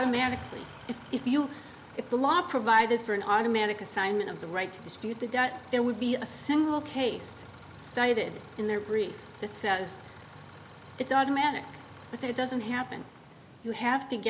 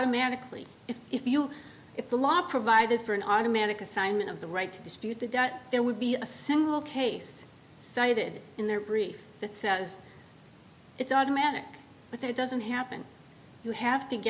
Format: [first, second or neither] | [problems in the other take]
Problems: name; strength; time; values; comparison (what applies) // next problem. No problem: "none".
second | background sound (Idling / Engine starting); 19 dB below the speech